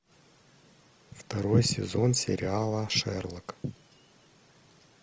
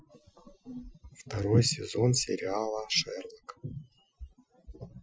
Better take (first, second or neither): first